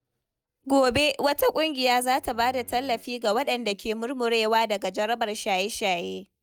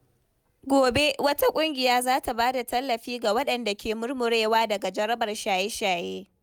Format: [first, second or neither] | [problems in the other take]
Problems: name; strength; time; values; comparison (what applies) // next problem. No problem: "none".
second | noise reduction (neural mask model DeepFilterNet 3)